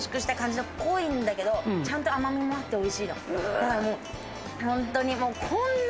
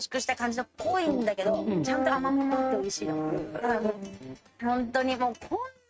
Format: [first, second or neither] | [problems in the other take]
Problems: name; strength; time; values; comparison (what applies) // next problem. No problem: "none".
first | noise reduction (neural mask model RNNoise)